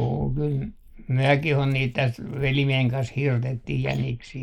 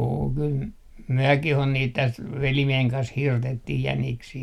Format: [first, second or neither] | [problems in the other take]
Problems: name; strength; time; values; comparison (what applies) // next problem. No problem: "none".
second | noise reduction (neural mask model Resemble Enhance denoiser)